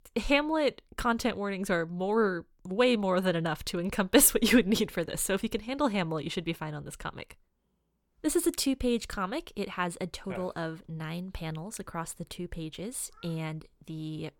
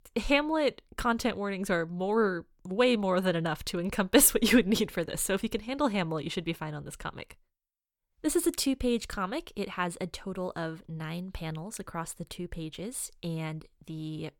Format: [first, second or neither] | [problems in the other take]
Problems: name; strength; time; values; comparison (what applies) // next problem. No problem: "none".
second | animal sounds; noticeable; throughout; 20 dB below the speech